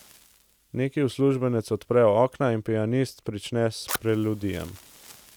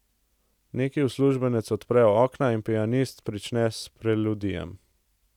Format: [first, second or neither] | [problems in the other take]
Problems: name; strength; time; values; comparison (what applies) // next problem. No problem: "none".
second | background sound (Fire); 18 dB below the speech